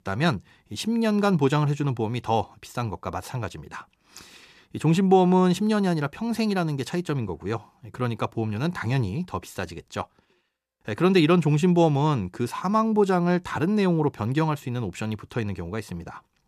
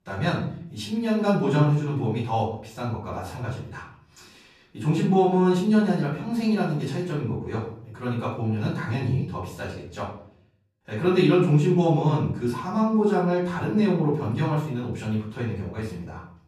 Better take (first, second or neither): first